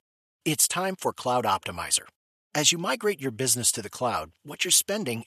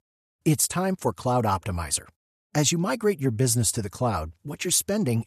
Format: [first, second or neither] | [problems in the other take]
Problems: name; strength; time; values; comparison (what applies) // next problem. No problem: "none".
second | thin; somewhat; fading below 1 kHz